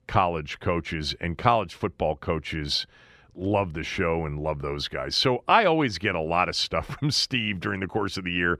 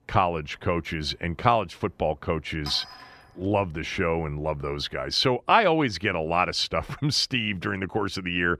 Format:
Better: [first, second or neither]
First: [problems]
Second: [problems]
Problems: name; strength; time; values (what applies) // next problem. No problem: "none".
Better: first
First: none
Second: clattering dishes; faint; at 2.5 s; peak 10 dB below the speech